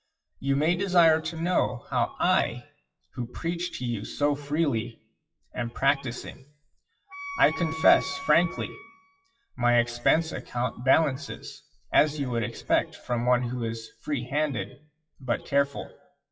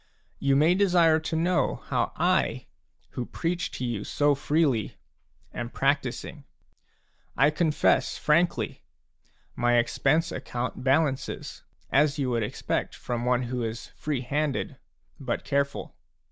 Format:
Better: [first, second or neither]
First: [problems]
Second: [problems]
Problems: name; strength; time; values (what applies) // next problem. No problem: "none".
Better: second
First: noise reduction (classical method WPE with log-MMSE)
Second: none